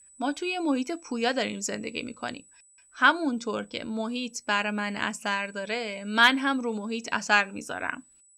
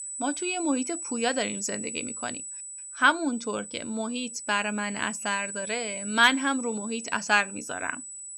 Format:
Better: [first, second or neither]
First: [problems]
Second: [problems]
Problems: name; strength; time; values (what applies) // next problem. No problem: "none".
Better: first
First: high-pitched whine; faint; throughout; 8 kHz, 25 dB below the speech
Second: high-pitched whine; loud; throughout; 8 kHz, 8 dB below the speech